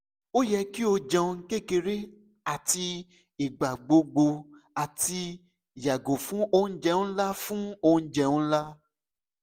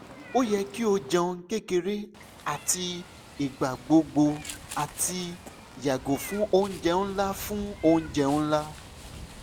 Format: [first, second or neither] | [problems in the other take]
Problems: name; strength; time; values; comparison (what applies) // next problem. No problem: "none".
first | background sound (Meow); 16 dB below the speech